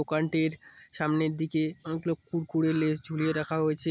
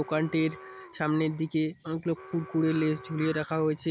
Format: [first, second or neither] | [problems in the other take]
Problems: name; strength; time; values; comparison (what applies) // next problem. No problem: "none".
first | background sound (Alarm); 20 dB below the speech